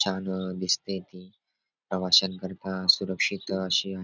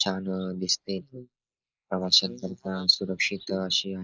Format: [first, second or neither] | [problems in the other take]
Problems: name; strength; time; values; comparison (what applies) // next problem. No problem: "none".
first | noise reduction (neural mask model Resemble Enhance denoiser)